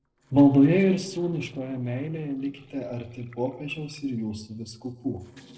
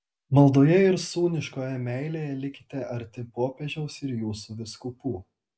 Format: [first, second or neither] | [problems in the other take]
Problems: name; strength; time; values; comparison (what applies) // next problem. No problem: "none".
second | noise reduction (neural separator model SepFormer DNS4)